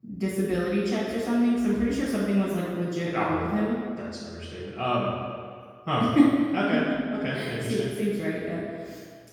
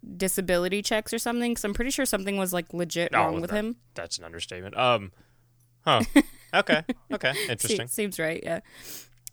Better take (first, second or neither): second